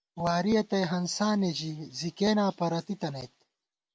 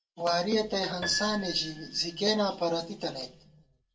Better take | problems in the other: first | background sound (Piano); 13 dB below the speech // room echo; dies away in 0.2 s

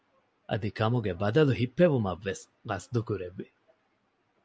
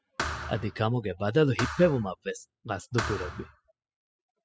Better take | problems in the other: first | noise reduction (classical method spectral subtraction)

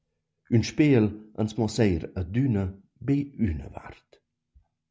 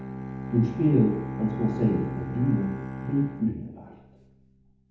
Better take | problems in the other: first | background sound (Bowed string instrument); 8 dB below the speech // room echo; dies away in 1 s

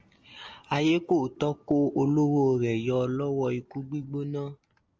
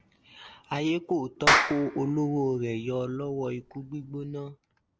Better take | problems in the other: first | background sound (Clapping); 1 dB above the speech

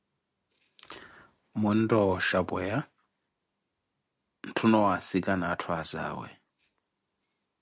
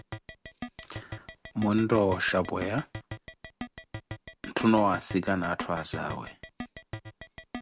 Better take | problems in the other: first | background sound (Keyboard (musical)); 12 dB below the speech

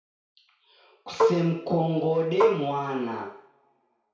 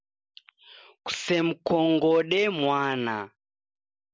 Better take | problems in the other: second | background sound (Marimba, xylophone); 1 dB above the speech // room echo; dies away in 0.6 s

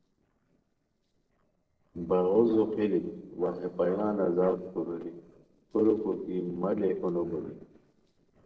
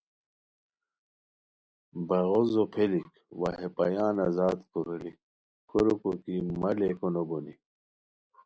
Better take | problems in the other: second | noise reduction (neural separator model SepFormer DNS4)

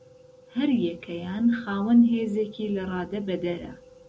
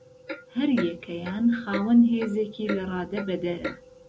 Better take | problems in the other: first | background sound (Clock); 13 dB below the speech

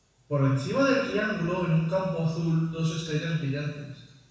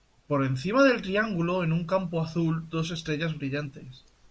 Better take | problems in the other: second | room echo; dies away in 1 s

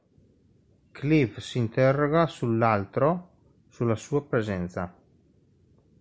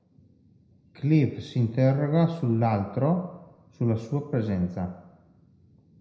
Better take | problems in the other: first | room echo; dies away in 0.7 s

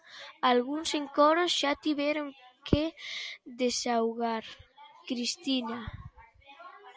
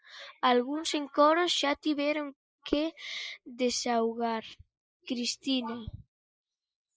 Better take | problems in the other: first | noise reduction (neural mask model Resemble Enhance denoiser)

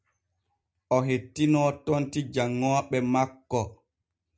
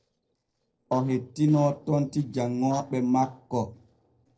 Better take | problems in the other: first | noise reduction (neural separator model SepFormer DNS4)

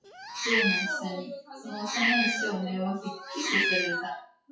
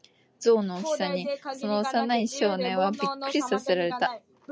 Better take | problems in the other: second | noise reduction (classical method WPE with log-MMSE)

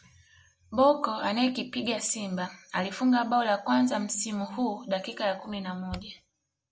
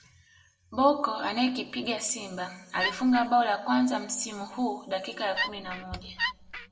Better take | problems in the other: first | background sound (Wood); 4 dB below the speech // room echo; dies away in 1.1 s

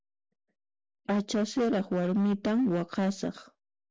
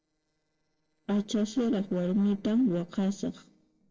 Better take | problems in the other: first | noise reduction (neural separator model SepFormer DNS4)

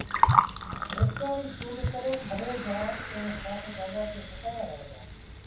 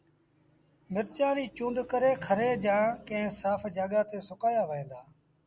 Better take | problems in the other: second | background sound (Gurgling); 5 dB above the speech // room echo; dies away in 0.7 s

